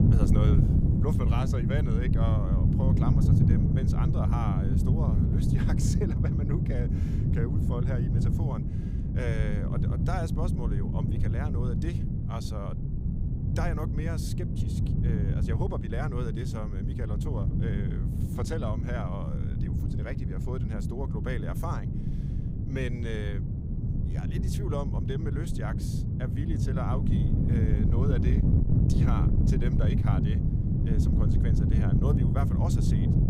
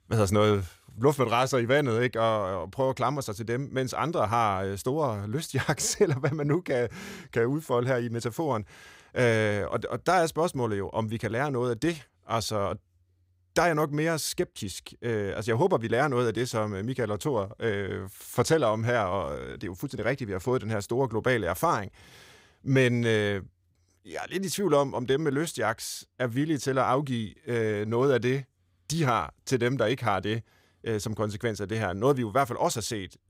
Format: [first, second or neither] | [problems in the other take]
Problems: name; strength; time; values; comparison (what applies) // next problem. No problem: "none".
second | wind noise on the microphone; heavy; 1 dB above the speech